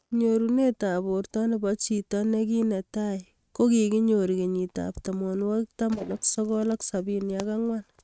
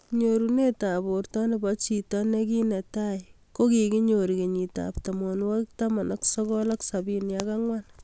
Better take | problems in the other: second | noise reduction (neural mask model RNNoise)

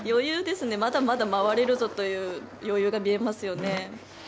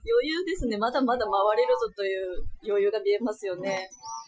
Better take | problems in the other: first | noise reduction (classical method Wiener filter)

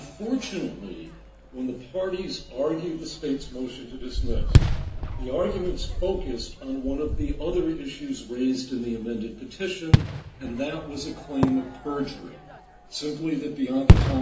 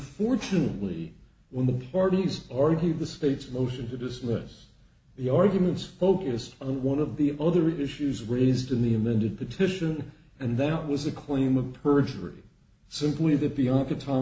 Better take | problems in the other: second | background sound (Fireworks); 3 dB above the speech // room echo; dies away in 0.3 s

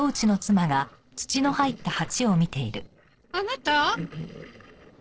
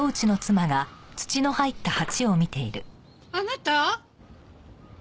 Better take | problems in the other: second | noise reduction (neural separator model SepFormer DNS4)

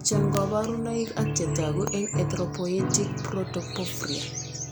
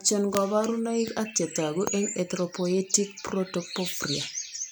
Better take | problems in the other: second | background sound (Piano); 1 dB below the speech

